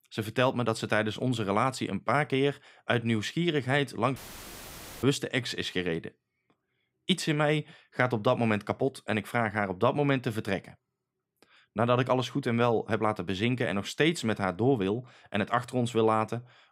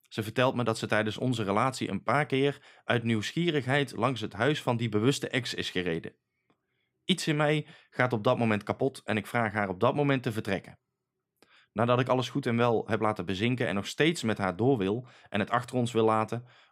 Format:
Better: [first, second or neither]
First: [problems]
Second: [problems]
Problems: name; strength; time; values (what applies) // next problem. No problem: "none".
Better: second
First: audio cutting out; filled with static; at 4 s for 1 s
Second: none